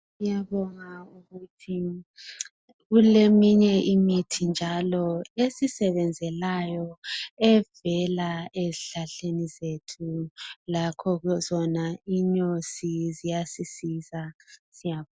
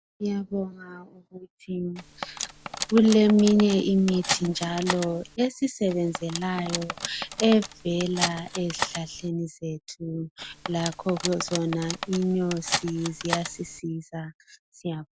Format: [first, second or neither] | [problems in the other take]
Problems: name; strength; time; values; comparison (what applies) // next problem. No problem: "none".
first | background sound (Cutlery, silverware); 8 dB below the speech